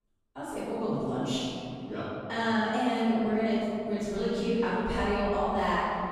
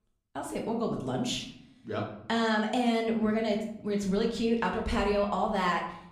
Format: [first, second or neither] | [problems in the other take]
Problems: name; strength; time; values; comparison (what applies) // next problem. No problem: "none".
second | room echo; strong; dies away in 2.6 s; slight in the second // off-mic speech; far; somewhat distant in the second